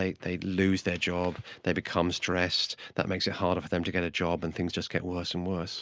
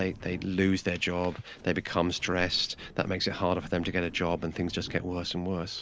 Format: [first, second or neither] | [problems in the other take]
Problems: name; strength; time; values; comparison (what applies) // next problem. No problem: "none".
first | background sound (Walk, footsteps); 17 dB below the speech